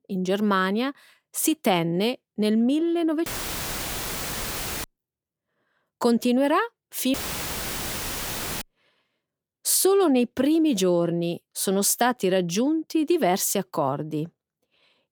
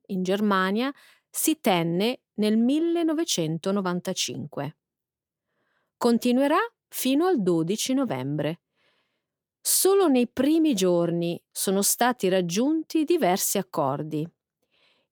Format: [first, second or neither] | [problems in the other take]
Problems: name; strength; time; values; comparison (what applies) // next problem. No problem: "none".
second | audio cutting out; filled with static; at 3.5 s for 1.5 s and at 7 s for 1.5 s